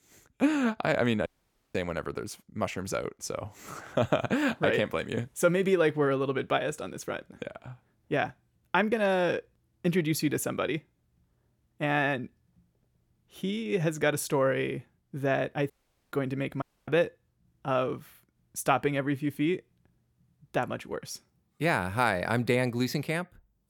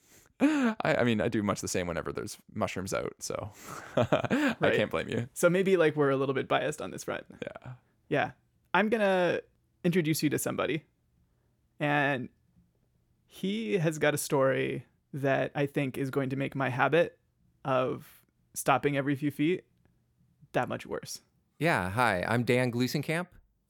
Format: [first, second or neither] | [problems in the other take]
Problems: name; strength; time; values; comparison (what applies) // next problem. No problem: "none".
second | audio cutting out; at 1.5 s, at 16 s and at 17 s